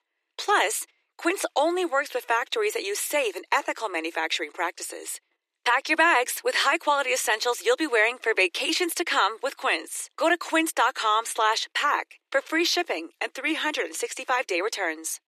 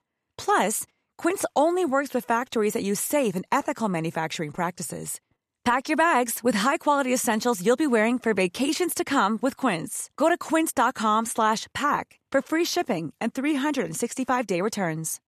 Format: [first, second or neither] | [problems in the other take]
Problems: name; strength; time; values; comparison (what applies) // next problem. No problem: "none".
second | thin; very; fading below 300 Hz